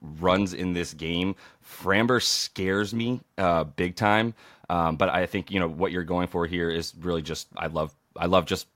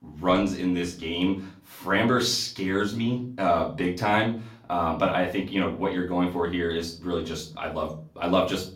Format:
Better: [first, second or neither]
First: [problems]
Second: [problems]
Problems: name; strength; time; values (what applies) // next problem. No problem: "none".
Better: first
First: none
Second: off-mic speech; far // room echo; slight; dies away in 0.3 s